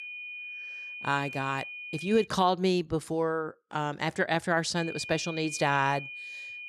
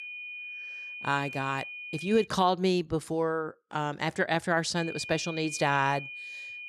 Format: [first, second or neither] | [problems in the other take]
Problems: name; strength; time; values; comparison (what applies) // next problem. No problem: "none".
neither | high-pitched whine; loud; until 2.5 s and from 5 s on; 2.5 kHz, 9 dB below the speech; the same in both